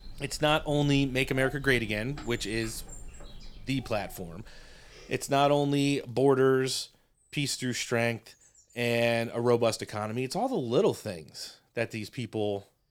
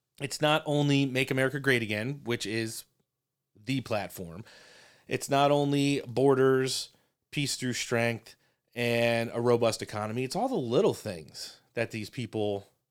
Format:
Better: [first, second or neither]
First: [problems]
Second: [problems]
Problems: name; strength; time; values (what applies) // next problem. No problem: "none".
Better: second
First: animal sounds; faint; throughout; 20 dB below the speech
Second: none